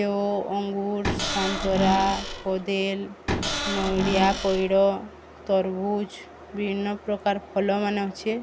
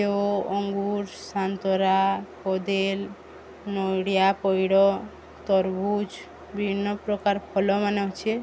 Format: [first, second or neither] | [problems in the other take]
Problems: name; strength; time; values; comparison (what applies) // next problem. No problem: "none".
second | background sound (Cupboard open or close / Door); 2 dB below the speech